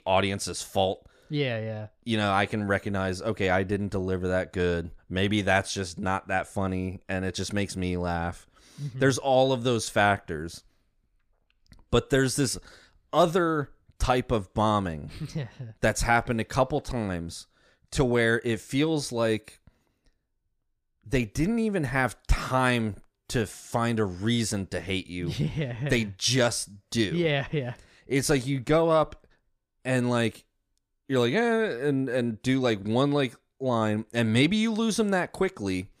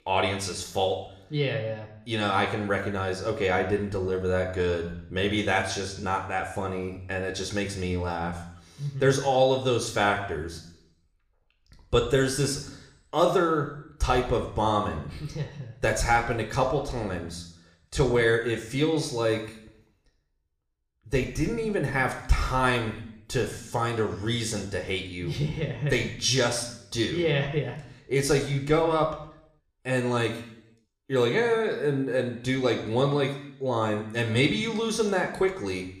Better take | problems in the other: first | room echo; slight; dies away in 0.7 s

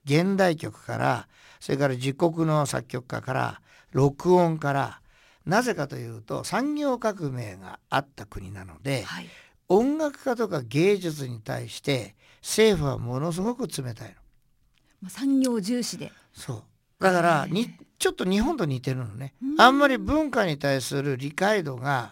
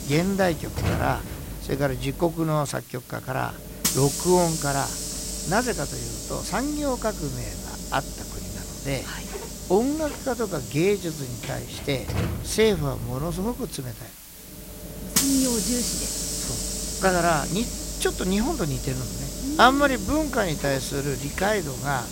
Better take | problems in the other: first | hiss; loud; throughout; 5 dB below the speech

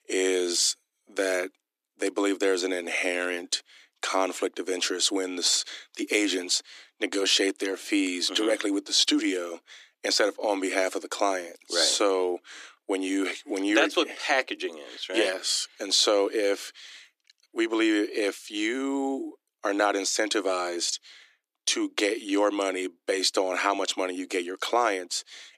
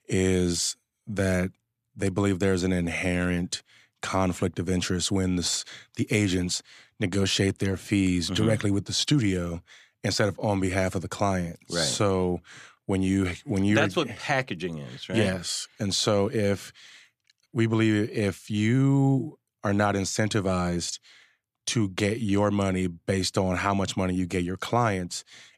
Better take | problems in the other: second | thin; somewhat; fading below 300 Hz

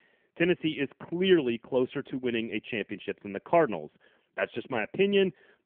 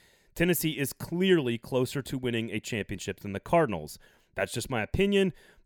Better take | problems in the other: second | phone-call audio; nothing above 3 kHz

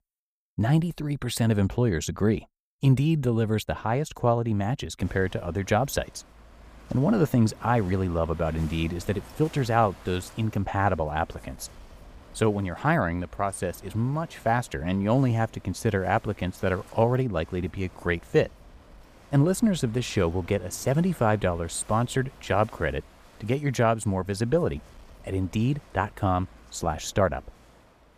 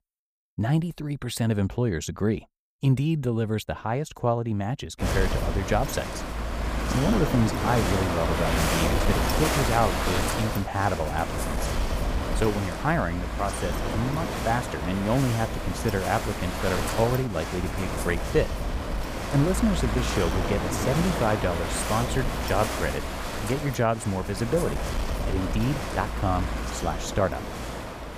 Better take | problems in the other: first | wind noise on the microphone; heavy; from 5 s on; 1 dB below the speech; occasional gusts in the first

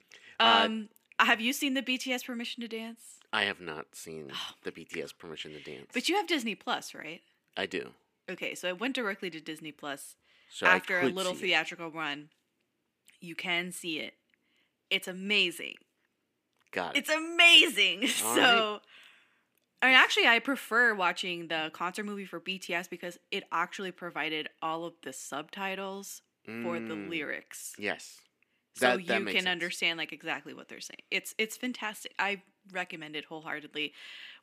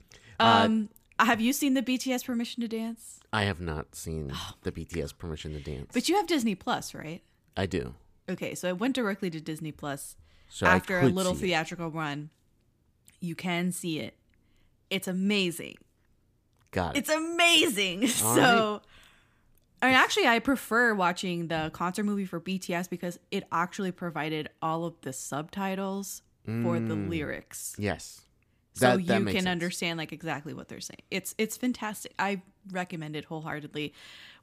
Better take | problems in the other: second | thin; very slightly; fading below 300 Hz

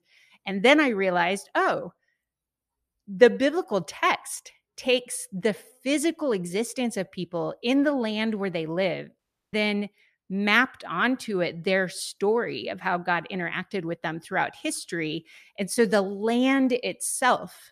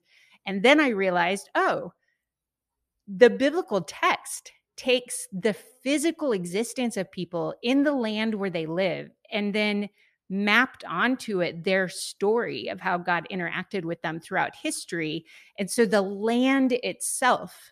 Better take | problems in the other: second | audio cutting out; at 9 s

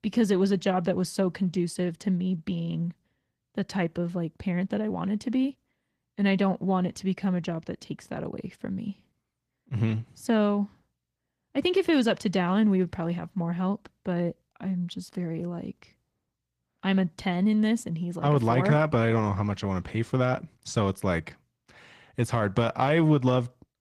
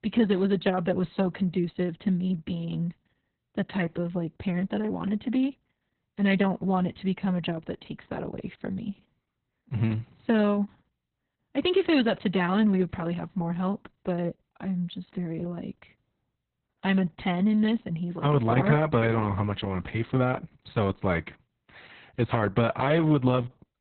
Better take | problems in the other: first | garbled, watery; badly; nothing above 4 kHz; slightly in the first

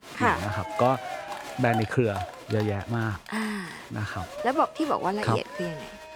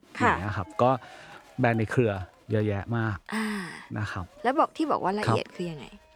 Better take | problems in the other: second | crowd noise; loud; throughout; 10 dB below the speech; faint in the second

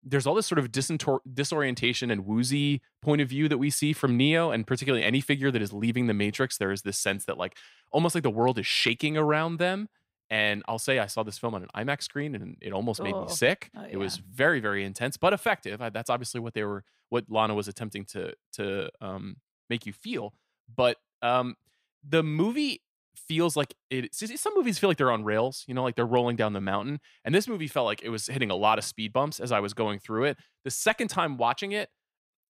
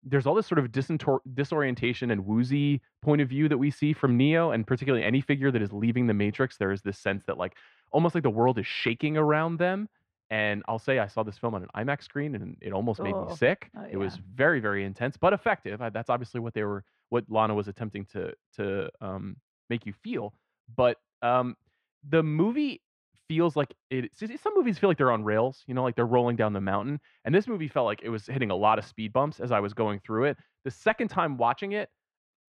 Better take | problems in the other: first | muffled; very; fading above 2 kHz

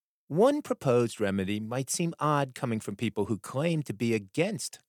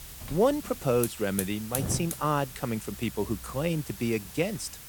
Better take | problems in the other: first | hiss; loud; throughout; 8 dB below the speech

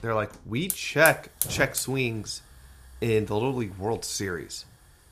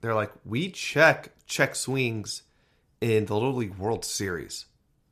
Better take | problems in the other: second | hiss; loud; throughout; 5 dB below the speech

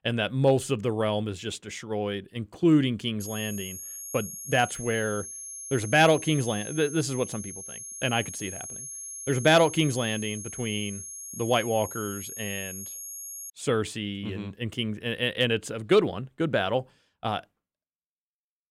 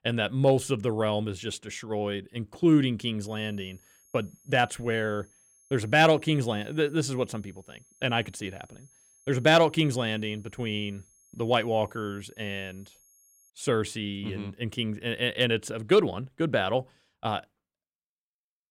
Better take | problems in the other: second | high-pitched whine; loud; from 3 to 14 s; 6.5 kHz, 10 dB below the speech; faint in the second

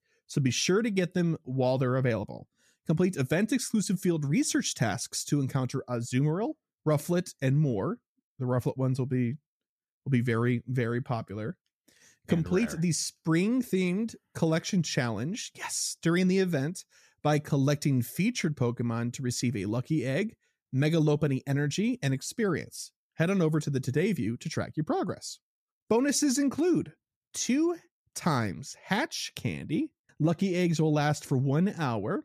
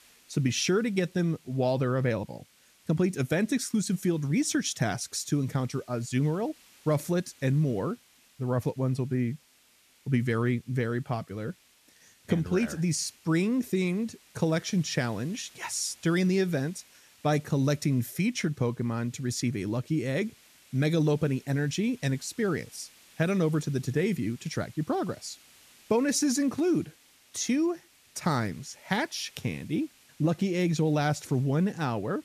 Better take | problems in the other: first | hiss; faint; throughout; 25 dB below the speech

